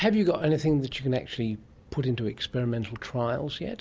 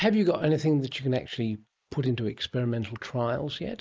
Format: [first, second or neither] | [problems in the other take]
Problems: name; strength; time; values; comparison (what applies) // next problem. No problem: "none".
first | noise reduction (neural mask model Resemble Enhance denoiser)